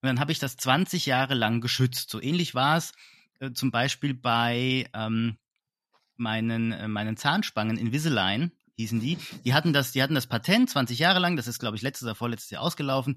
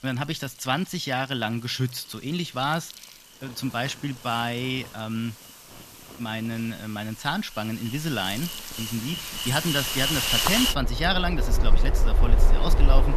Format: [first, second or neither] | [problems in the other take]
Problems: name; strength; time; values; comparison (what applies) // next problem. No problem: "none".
first | animal sounds; very loud; throughout; 3 dB above the speech